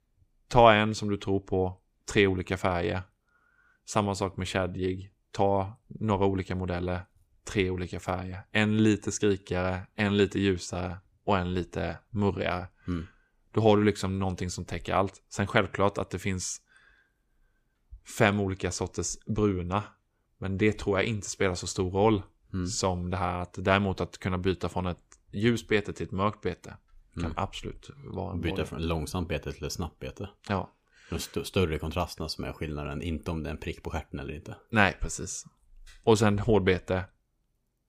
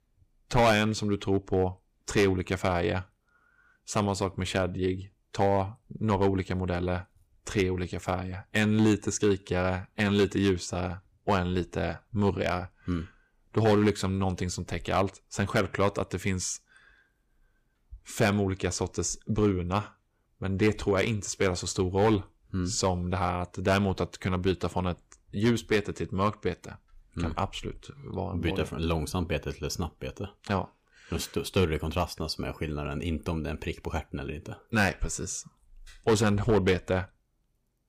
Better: first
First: none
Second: distortion; slight; 2% of the sound clipped

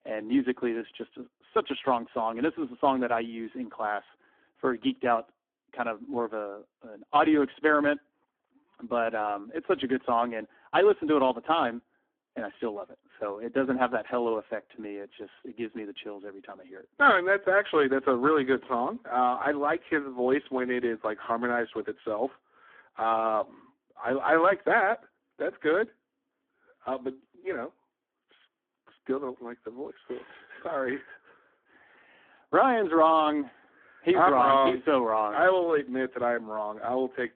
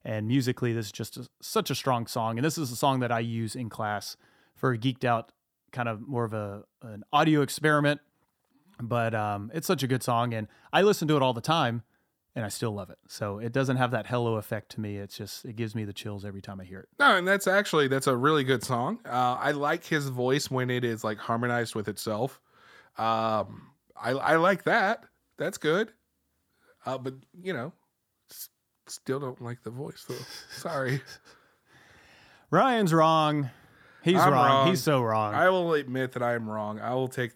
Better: second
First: phone-call audio; poor line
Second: none

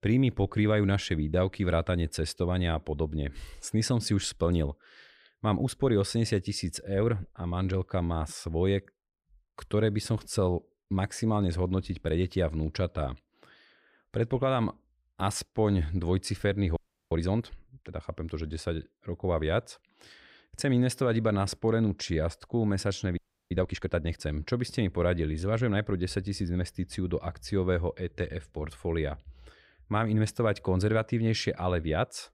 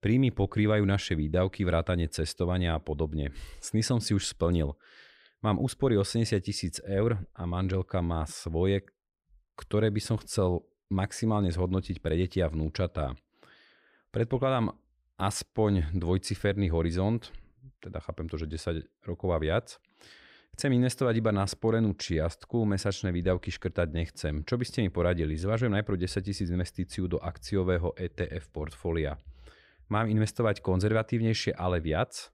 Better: second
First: audio freezing; at 17 s and at 23 s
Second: none

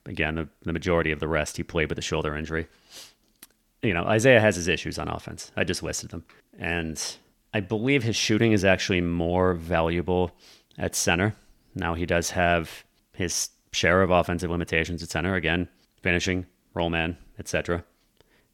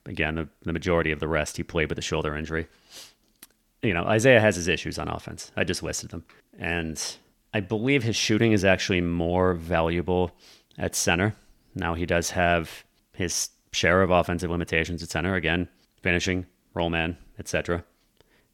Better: neither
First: none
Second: none

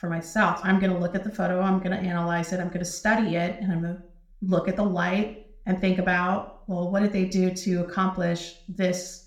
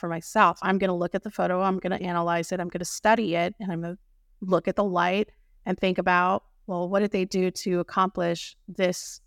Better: second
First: room echo; very slight; dies away in 0.4 s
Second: none

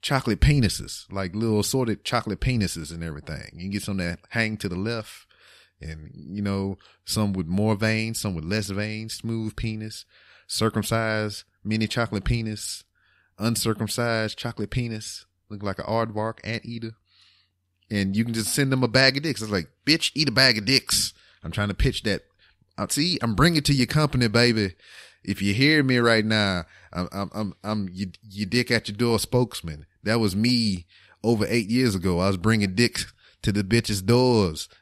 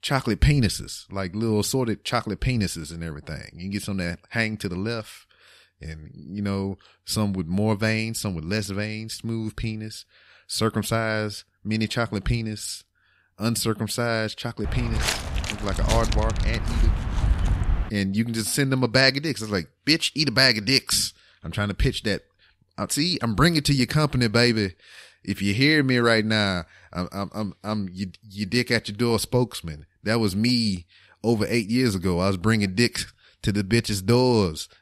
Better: first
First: none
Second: footsteps; noticeable; from 15 to 18 s; peak level with the speech

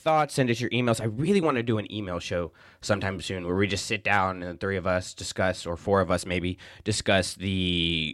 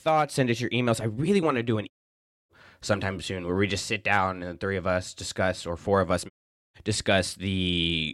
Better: first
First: none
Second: audio cutting out; at 2 s for 0.5 s and at 6.5 s

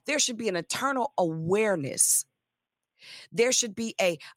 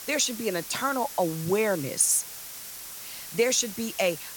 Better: first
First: none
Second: hiss; noticeable; throughout; 10 dB below the speech

